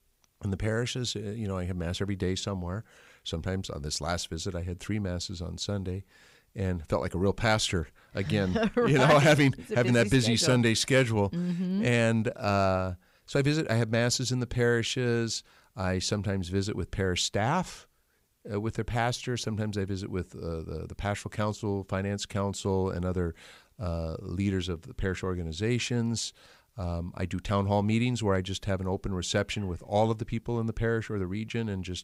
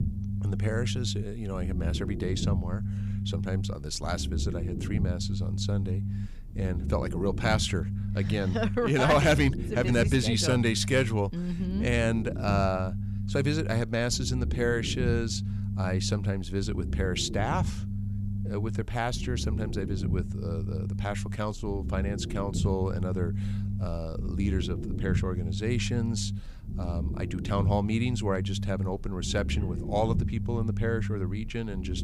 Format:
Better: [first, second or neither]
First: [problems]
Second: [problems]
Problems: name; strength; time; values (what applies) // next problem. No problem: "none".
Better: first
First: none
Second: low rumble; noticeable; throughout; 10 dB below the speech